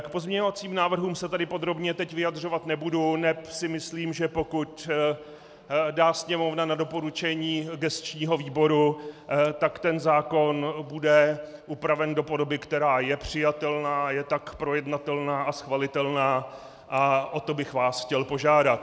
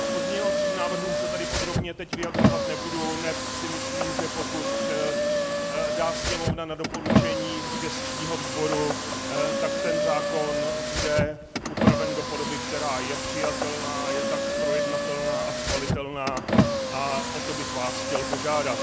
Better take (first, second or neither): first